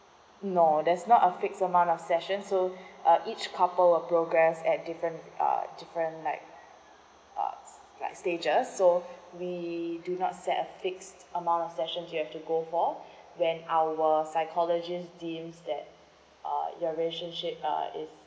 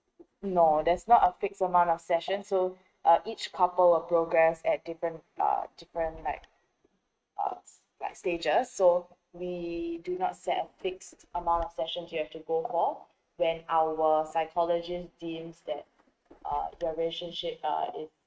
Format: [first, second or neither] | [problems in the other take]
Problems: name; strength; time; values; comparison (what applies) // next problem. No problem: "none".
first | noise reduction (neural mask model RNNoise)